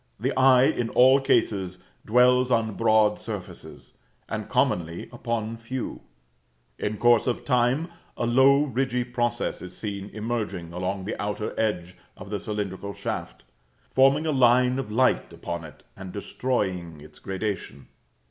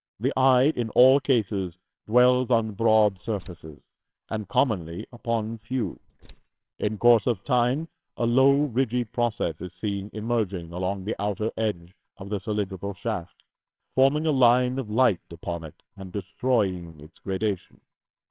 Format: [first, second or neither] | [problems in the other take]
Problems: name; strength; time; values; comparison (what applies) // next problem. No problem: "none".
first | noise reduction (neural separator model SepFormer WHAMR!)